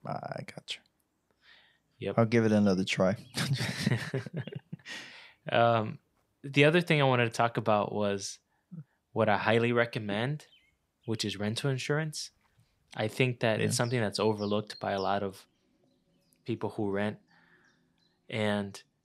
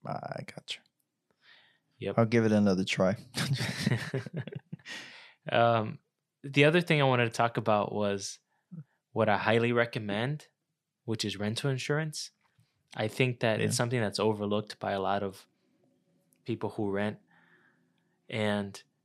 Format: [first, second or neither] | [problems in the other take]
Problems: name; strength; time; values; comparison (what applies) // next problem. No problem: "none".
second | animal sounds; faint; throughout; 25 dB below the speech